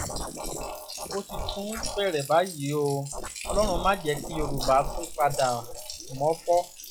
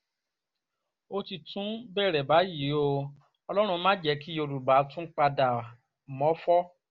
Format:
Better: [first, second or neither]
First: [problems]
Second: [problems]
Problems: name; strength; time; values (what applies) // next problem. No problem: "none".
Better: second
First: noise reduction (classical method log-MMSE)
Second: none